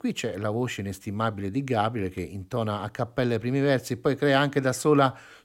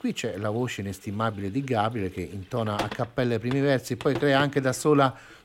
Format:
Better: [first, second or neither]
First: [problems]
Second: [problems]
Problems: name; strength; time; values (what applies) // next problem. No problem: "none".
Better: first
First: none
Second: household noises; noticeable; throughout; 15 dB below the speech